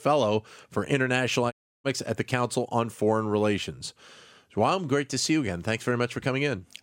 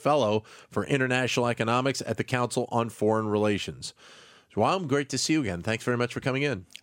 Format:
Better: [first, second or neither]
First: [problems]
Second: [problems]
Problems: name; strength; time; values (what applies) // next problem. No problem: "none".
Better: second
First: audio cutting out; at 1.5 s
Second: none